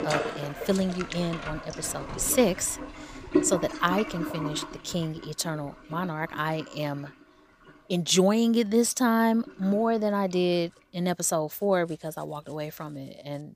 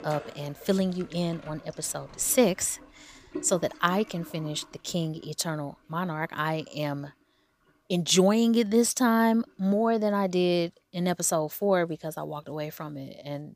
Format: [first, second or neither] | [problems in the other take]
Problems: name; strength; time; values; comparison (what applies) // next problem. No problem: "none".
second | household noises; loud; throughout; 8 dB below the speech; faint in the second